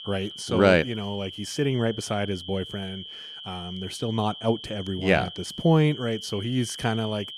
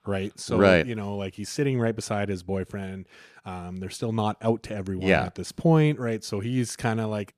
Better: second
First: high-pitched whine; noticeable; throughout; 3 kHz, 10 dB below the speech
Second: none

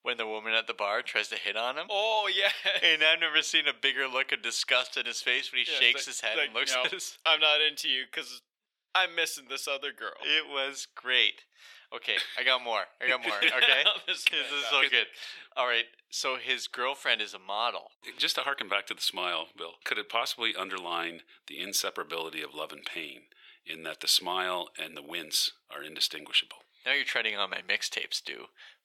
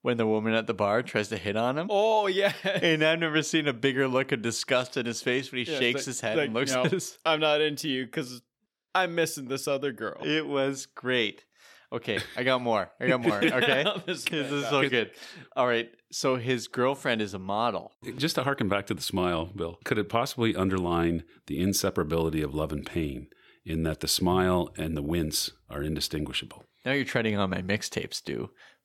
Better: second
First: thin; very; fading below 650 Hz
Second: none

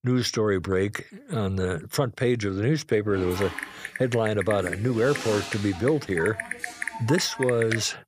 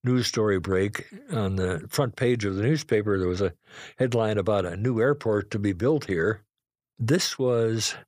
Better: second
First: keyboard typing; noticeable; from 3 s on; peak 5 dB below the speech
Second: none

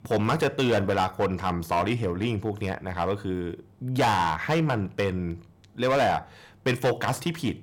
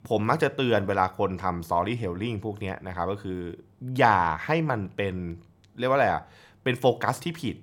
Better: second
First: distortion; heavy; 8% of the sound clipped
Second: none

